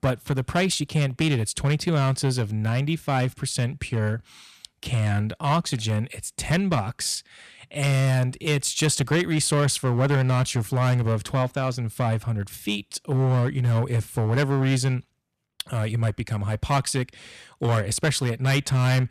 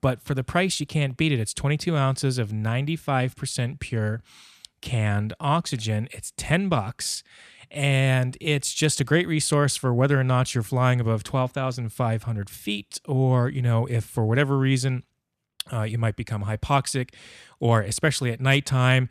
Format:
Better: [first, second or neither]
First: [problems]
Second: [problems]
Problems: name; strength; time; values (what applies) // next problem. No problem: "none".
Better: second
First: distortion; slight; 7% of the sound clipped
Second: none